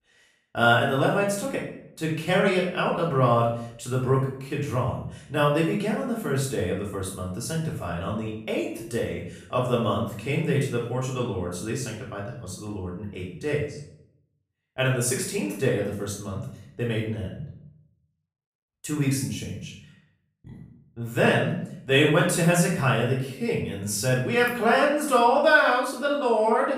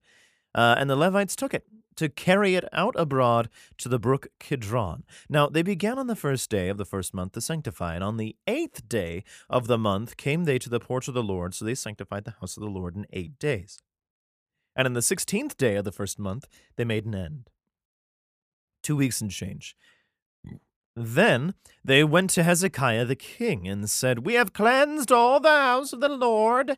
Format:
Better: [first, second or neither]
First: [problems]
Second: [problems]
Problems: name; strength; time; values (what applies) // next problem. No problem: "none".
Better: second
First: off-mic speech; far // room echo; noticeable; dies away in 0.6 s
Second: none